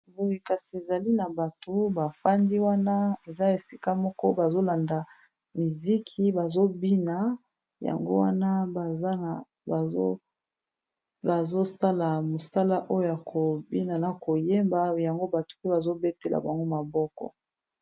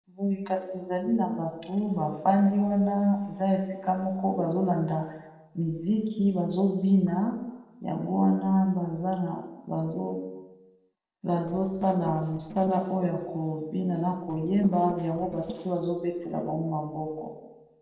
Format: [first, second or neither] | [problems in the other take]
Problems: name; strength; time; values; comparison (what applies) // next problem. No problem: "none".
first | noise reduction (neural separator model SepFormer DNS4)